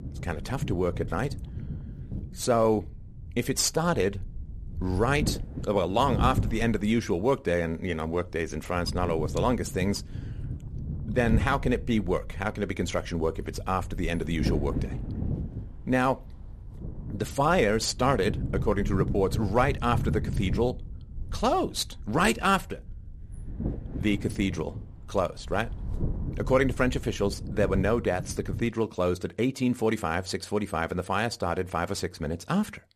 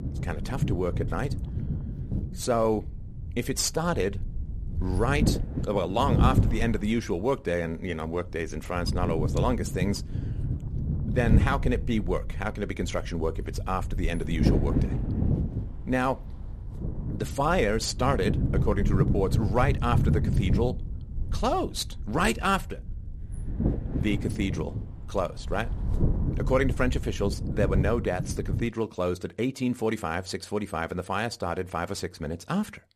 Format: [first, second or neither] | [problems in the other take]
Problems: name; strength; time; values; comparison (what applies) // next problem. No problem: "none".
first | wind noise on the microphone; heavy; until 29 s; 9 dB below the speech; occasional gusts in the first